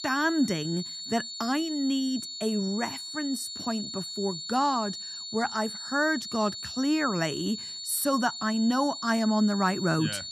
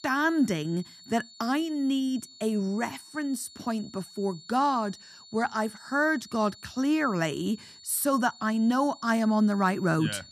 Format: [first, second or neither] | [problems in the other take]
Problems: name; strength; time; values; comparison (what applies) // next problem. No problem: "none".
second | high-pitched whine; loud; throughout; 4.5 kHz, 7 dB below the speech; faint in the second